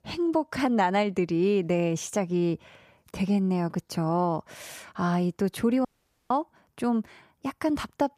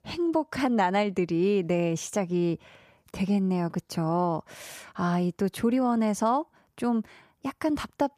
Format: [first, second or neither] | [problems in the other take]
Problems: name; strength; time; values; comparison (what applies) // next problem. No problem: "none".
second | audio cutting out; at 6 s